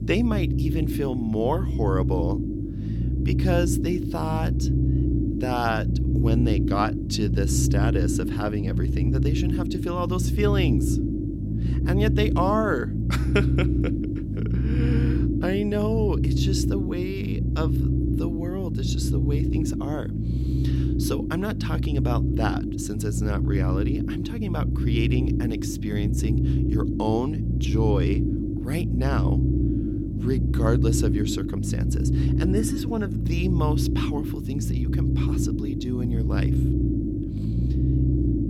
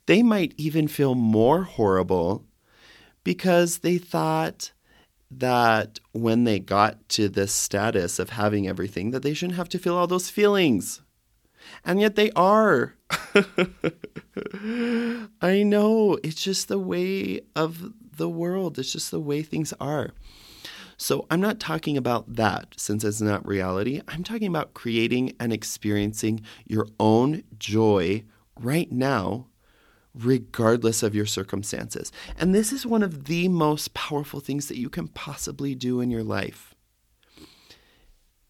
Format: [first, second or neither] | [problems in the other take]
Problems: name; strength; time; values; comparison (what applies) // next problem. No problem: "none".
second | low rumble; loud; throughout; 3 dB below the speech